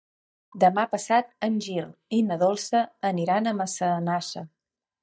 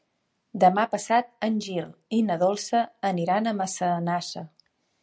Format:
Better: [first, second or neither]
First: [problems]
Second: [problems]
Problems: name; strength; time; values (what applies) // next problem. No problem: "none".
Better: second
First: noise reduction (neural mask model DeepFilterNet 3)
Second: none